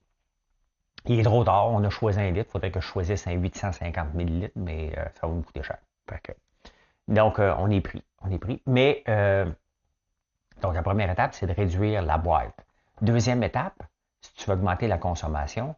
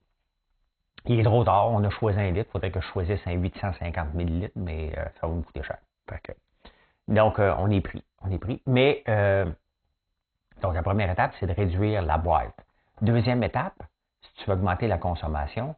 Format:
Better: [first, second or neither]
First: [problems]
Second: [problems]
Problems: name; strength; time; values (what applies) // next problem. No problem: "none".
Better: first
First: garbled, watery; slightly; nothing above 6.5 kHz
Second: garbled, watery; badly; nothing above 4 kHz